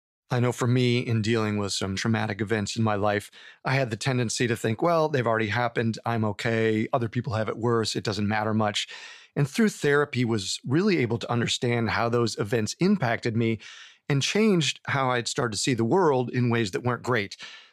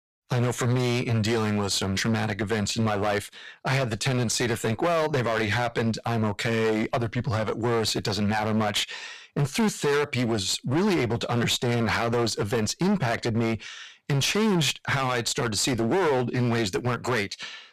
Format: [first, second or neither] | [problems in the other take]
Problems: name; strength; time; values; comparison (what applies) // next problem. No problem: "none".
first | distortion; heavy; 19% of the sound clipped